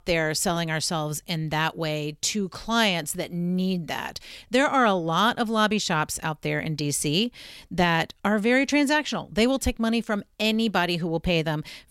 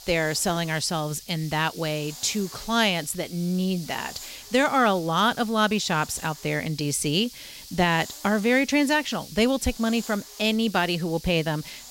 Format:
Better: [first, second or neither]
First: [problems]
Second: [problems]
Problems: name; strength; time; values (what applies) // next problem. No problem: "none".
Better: first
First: none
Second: hiss; noticeable; throughout; 15 dB below the speech